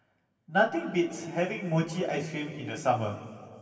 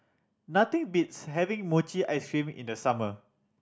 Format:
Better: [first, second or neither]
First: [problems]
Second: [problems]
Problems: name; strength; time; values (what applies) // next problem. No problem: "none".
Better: second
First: room echo; dies away in 2.4 s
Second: none